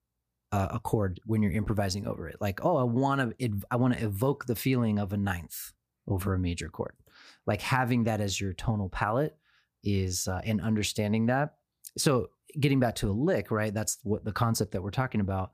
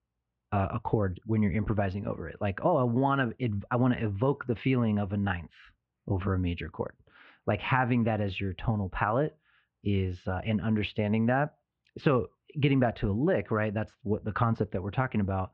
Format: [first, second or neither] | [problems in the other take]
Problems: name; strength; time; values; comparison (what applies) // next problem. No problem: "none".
first | muffled; very; fading above 3 kHz